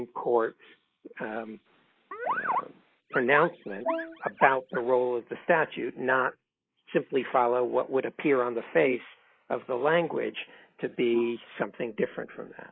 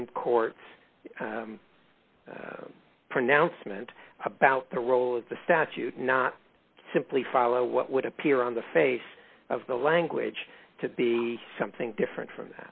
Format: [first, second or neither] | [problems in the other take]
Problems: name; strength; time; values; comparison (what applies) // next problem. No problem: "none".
second | noise reduction (neural mask model Resemble Enhance denoiser)